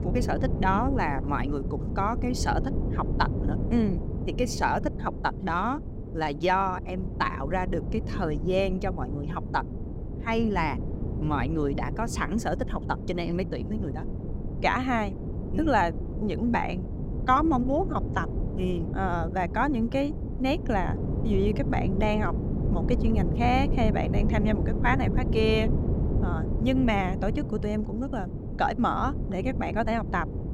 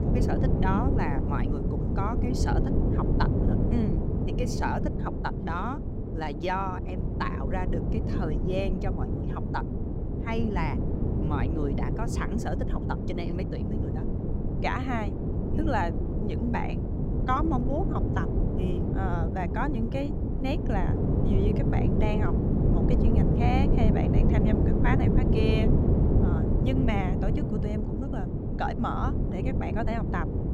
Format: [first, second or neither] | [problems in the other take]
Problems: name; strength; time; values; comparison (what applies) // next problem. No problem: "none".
first | wind noise on the microphone; heavy; 2 dB below the speech; occasional gusts in the first